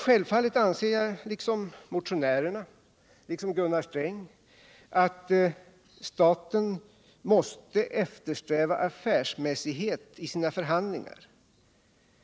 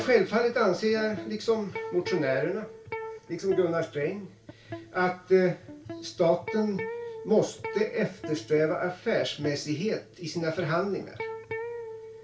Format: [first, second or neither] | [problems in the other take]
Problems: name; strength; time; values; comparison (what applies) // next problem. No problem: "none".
first | background sound (Electric guitar); 12 dB below the speech // room echo; dies away in 0.3 s